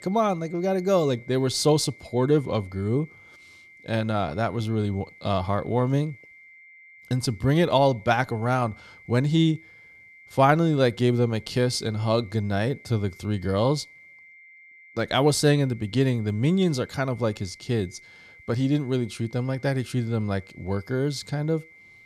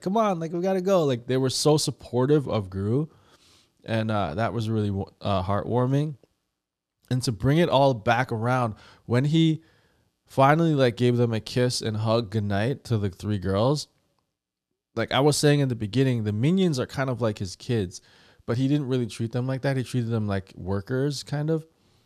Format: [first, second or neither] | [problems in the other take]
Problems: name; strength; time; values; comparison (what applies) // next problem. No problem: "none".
second | high-pitched whine; faint; throughout; 2 kHz, 25 dB below the speech